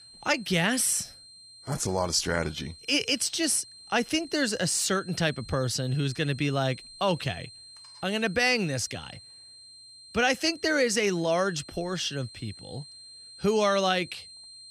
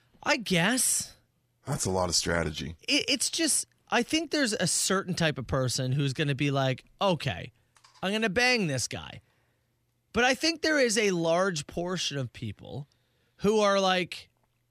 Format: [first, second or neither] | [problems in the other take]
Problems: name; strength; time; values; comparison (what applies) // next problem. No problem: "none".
second | high-pitched whine; noticeable; throughout; 4 kHz, 20 dB below the speech